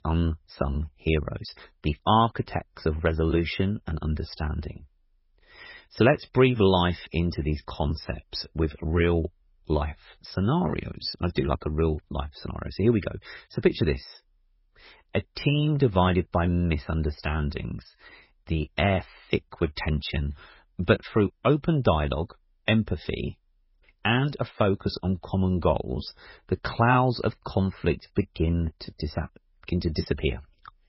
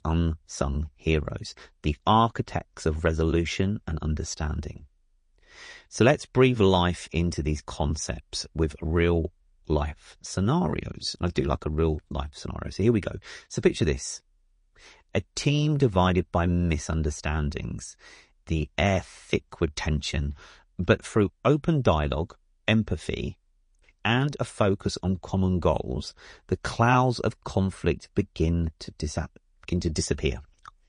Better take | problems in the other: second | garbled, watery; badly; nothing above 5.5 kHz; slightly in the second

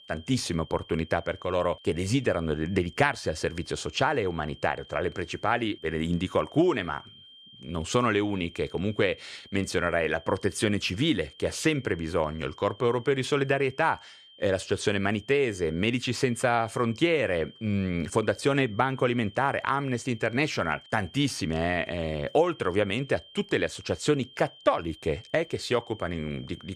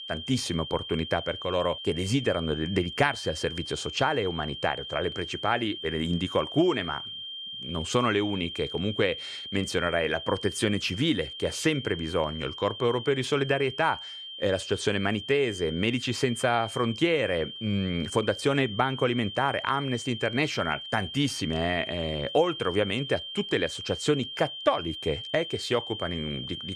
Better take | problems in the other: first | high-pitched whine; loud; throughout; 3 kHz, 8 dB below the speech; faint in the first

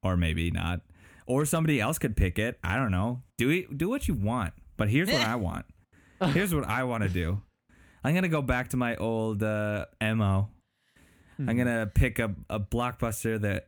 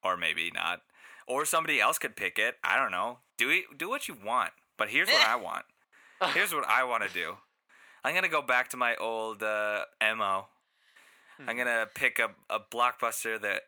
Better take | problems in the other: first | thin; very; fading below 700 Hz

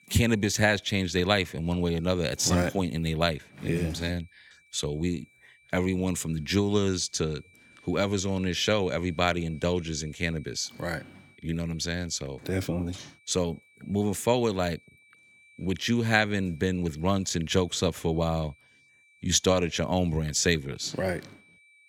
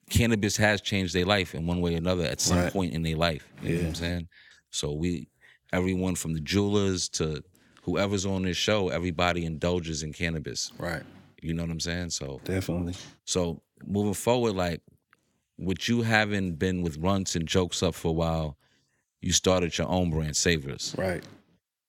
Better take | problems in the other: second | high-pitched whine; faint; throughout; 2.5 kHz, 30 dB below the speech

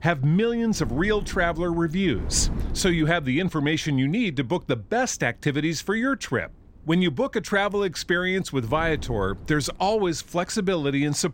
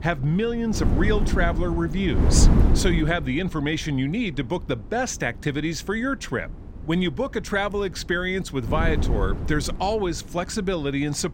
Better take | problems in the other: first | wind noise on the microphone; heavy; 8 dB below the speech; occasional gusts in the first

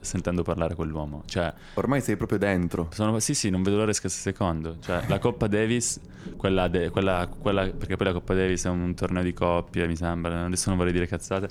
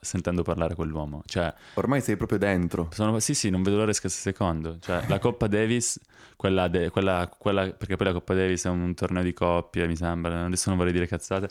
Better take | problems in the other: second | rain or running water; noticeable; throughout; 20 dB below the speech

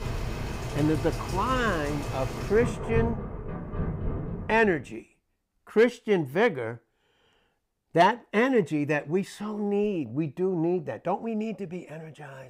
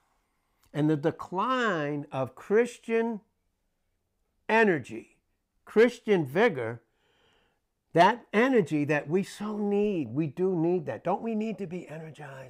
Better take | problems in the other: second | rain or running water; loud; until 4.5 s; 7 dB below the speech

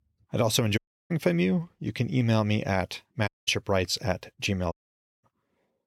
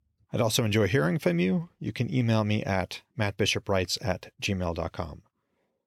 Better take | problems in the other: second | audio cutting out; at 1 s, at 3.5 s and at 4.5 s for 0.5 s

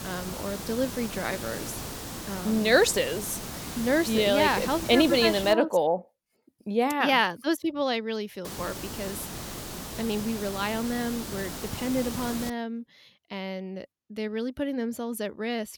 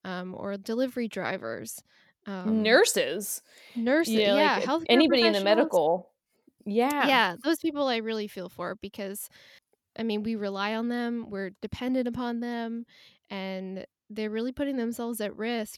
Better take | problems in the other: second | hiss; loud; until 5.5 s and from 8.5 to 13 s; 9 dB below the speech

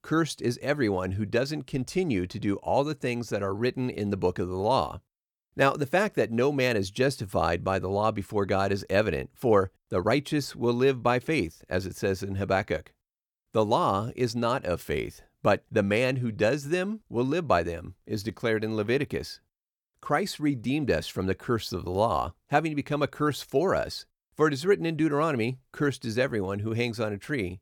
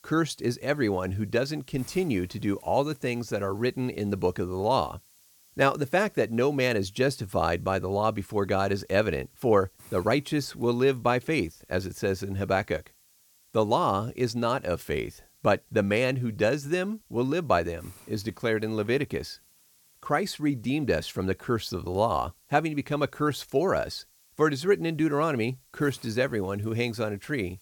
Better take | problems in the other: first | hiss; faint; throughout; 30 dB below the speech

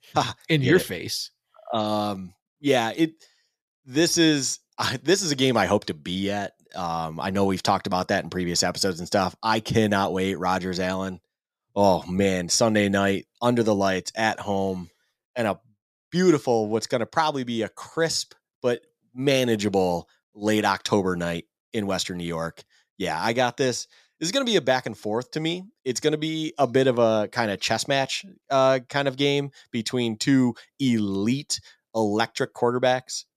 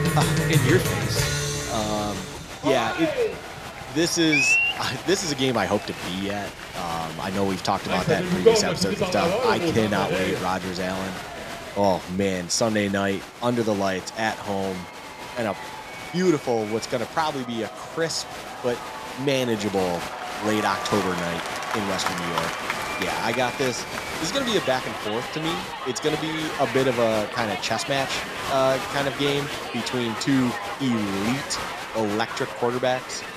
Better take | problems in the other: first | crowd noise; loud; throughout; 2 dB below the speech

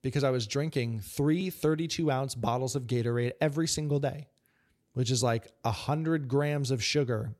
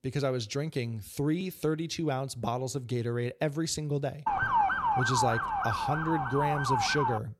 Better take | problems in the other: first | siren; loud; from 4.5 s on; peak 6 dB above the speech

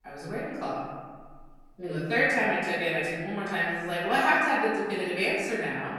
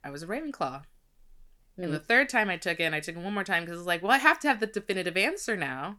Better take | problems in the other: second | off-mic speech; far // room echo; strong; dies away in 1.5 s

